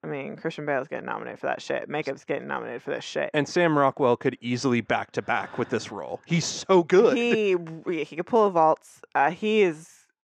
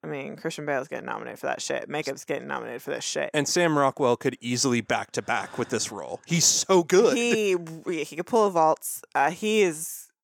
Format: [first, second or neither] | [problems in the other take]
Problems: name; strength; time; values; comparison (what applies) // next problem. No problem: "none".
second | muffled; slightly; fading above 3 kHz